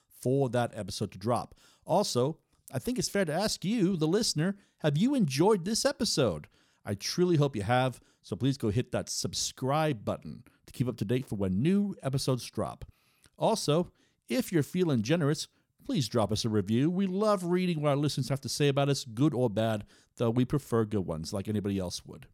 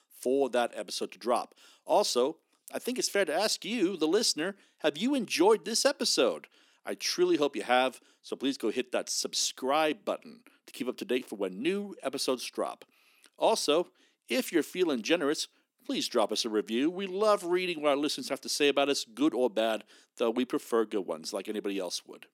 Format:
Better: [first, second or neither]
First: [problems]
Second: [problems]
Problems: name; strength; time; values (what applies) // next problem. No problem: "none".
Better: first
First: none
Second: thin; somewhat; fading below 250 Hz